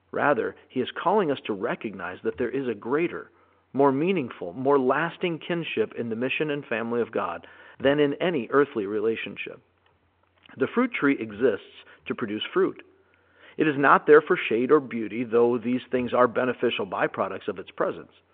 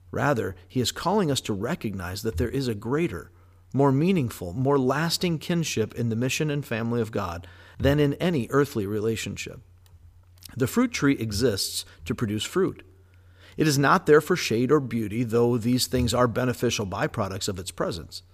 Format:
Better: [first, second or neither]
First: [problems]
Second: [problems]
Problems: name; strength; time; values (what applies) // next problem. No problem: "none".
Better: second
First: phone-call audio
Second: none